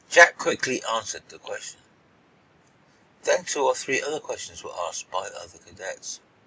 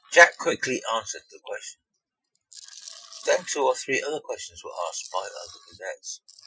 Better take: first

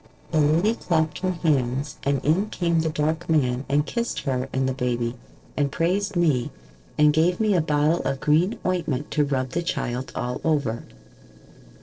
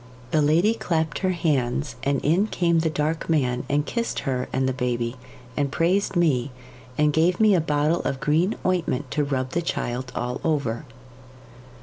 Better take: second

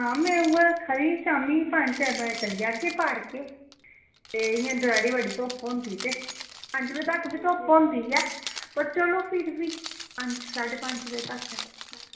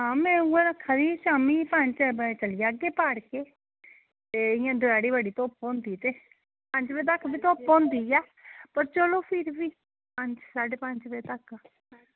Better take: second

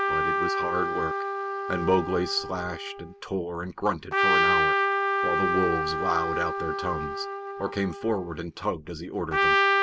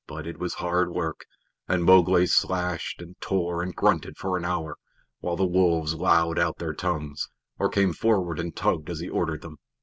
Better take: second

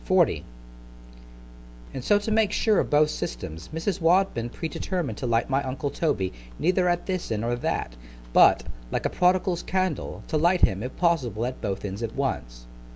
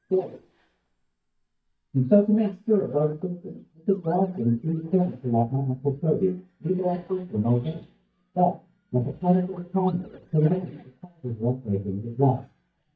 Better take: first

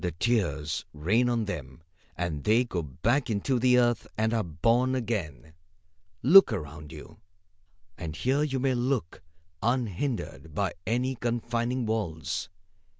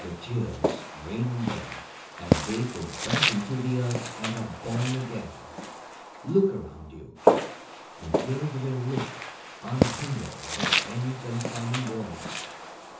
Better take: first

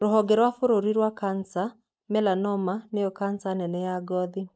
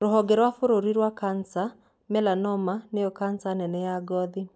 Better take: second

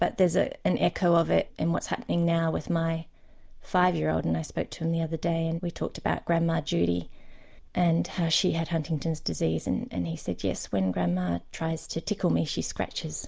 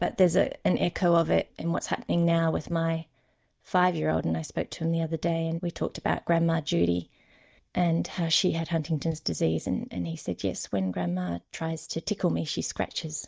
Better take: first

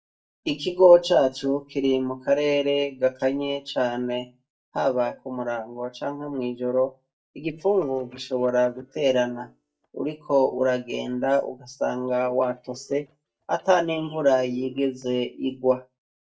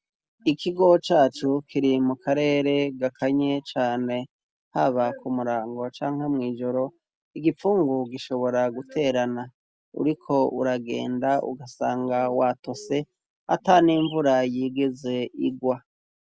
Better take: second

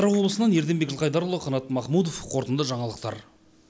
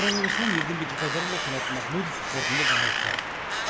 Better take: first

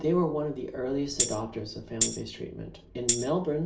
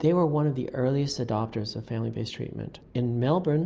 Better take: second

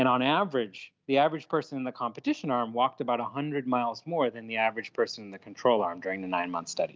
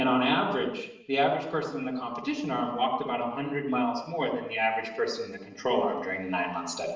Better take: first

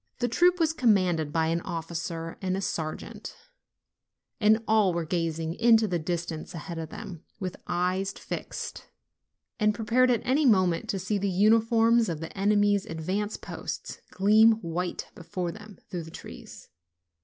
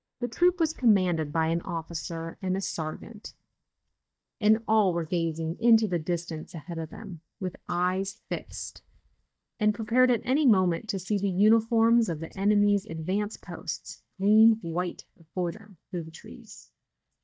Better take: first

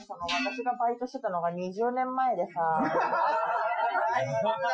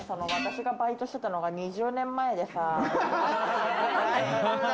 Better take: second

